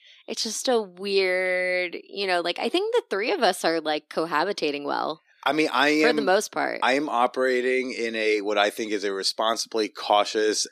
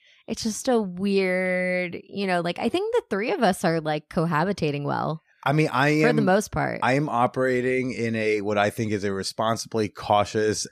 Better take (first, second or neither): second